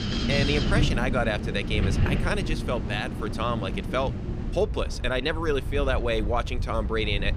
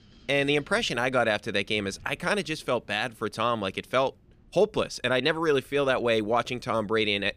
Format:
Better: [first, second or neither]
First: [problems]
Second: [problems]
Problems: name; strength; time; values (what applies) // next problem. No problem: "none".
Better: second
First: wind in the background; loud; throughout; 1 dB below the speech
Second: wind in the background; faint; throughout; 30 dB below the speech